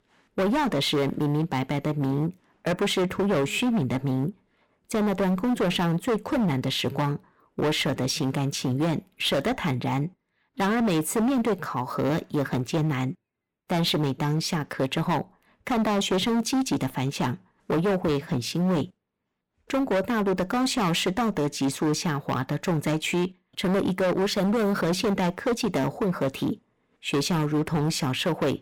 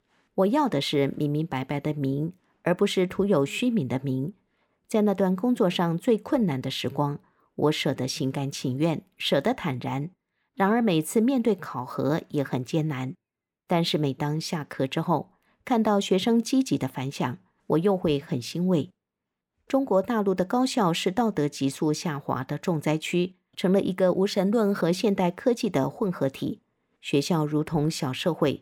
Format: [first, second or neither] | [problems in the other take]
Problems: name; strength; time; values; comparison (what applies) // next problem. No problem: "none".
second | distortion; heavy; 19% of the sound clipped